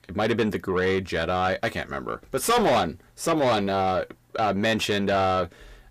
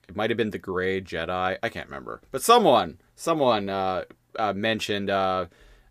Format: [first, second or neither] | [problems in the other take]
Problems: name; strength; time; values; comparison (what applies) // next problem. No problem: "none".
second | distortion; heavy; 6 dB below the speech